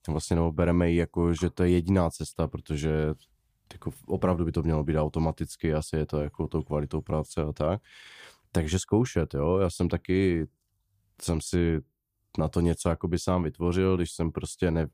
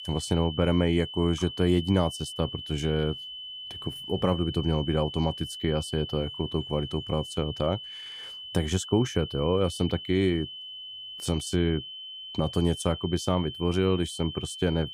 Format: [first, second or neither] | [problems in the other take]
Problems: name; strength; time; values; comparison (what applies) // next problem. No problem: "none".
first | high-pitched whine; loud; throughout; 3 kHz, 10 dB below the speech